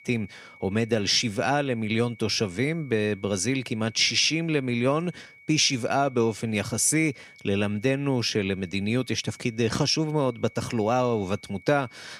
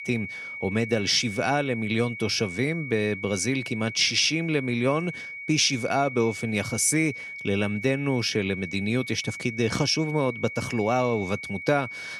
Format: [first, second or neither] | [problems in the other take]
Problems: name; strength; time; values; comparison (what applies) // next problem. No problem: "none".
first | high-pitched whine; loud; throughout; 2 kHz, 10 dB below the speech; faint in the first